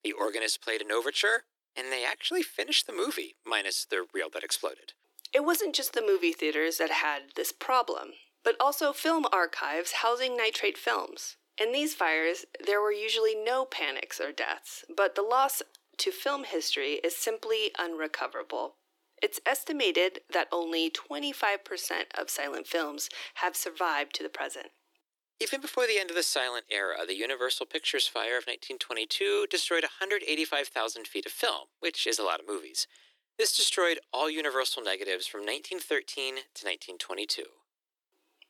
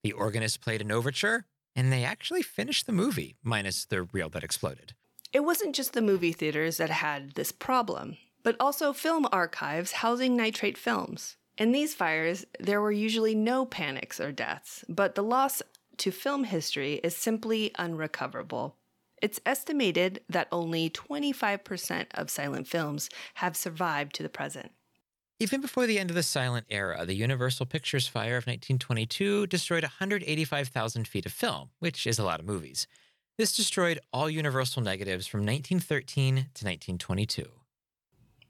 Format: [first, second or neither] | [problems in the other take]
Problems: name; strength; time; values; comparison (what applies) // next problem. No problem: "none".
second | thin; very; fading below 300 Hz